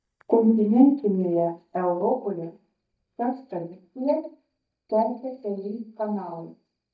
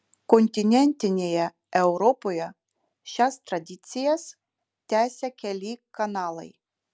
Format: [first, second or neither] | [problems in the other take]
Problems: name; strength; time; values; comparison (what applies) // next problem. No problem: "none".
second | noise reduction (neural mask model DeepFilterNet 3)